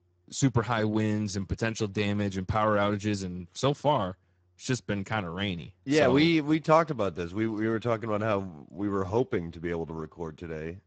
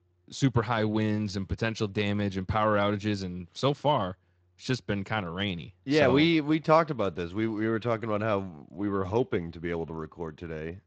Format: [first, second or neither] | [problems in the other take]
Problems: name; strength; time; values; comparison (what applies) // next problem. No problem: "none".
second | garbled, watery; badly; nothing above 7.5 kHz; slightly in the second